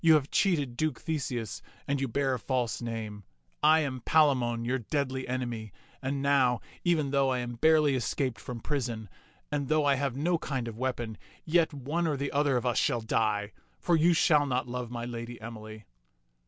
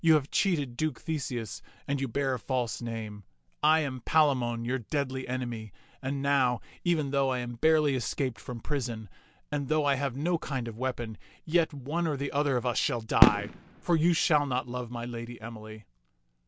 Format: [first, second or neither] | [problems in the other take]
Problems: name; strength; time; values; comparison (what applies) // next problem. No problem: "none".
first | background sound (Fireworks); 1 dB below the speech